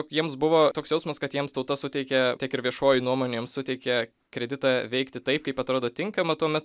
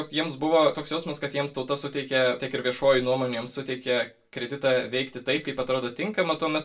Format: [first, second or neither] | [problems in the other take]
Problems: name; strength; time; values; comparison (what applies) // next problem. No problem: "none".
first | room echo; dies away in 0.2 s